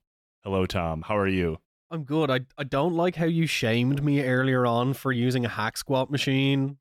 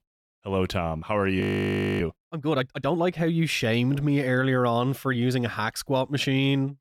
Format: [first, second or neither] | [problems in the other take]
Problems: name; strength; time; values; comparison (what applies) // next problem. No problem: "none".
first | audio freezing; at 1.5 s for 0.5 s